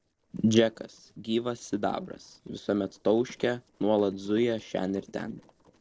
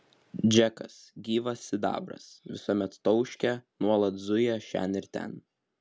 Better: second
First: noise reduction (neural separator model SepFormer DNS4)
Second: none

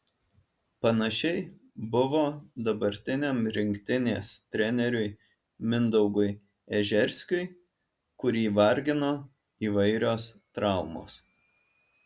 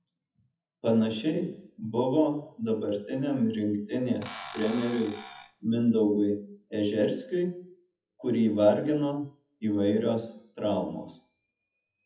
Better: first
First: none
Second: noise reduction (classical method WPE with log-MMSE)

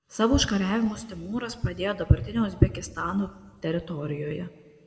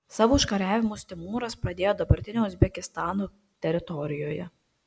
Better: second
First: room echo; dies away in 1 s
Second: none

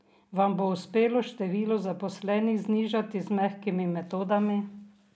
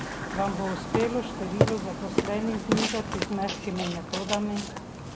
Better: first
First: none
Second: background sound (Burping, eructation); as loud as the speech

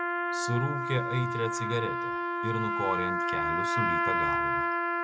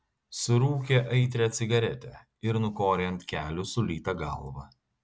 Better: second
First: background sound (Trumpet); 4 dB above the speech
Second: none

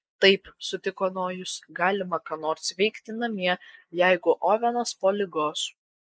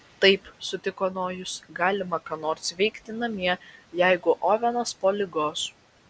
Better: second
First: noise reduction (neural mask model Resemble Enhance denoiser)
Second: none

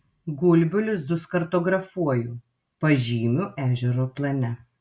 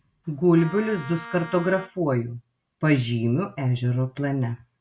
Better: first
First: none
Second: background sound (Wind instrument, woodwind instrument); 16 dB below the speech

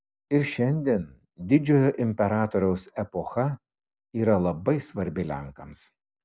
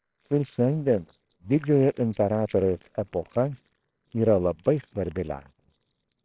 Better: first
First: none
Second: noise reduction (neural separator model SepFormer WHAMR!)

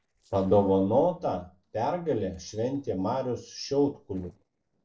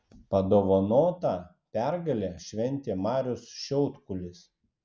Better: second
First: noise reduction (neural separator model SepFormer DNS4)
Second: none

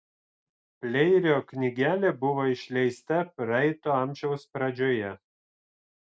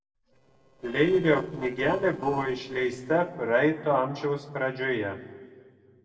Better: first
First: none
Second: noise reduction (neural separator model SepFormer DNS4)

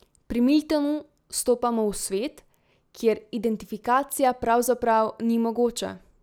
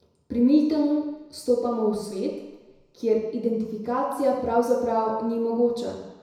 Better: first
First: none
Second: room echo; dies away in 1 s

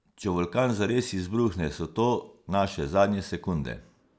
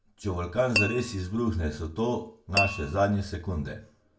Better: first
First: none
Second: background sound (Tap / Glass); 4 dB below the speech // room echo; dies away in 0.2 s

